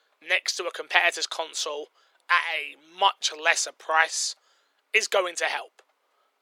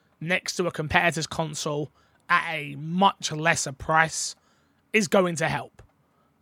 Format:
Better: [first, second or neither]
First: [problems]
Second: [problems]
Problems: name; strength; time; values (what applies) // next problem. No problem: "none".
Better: second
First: thin; very; fading below 400 Hz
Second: none